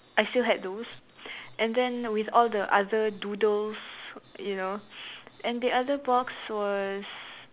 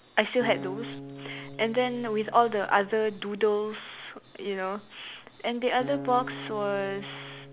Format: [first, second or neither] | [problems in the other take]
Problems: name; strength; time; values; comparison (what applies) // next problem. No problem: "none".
first | background sound (Acoustic guitar); 14 dB below the speech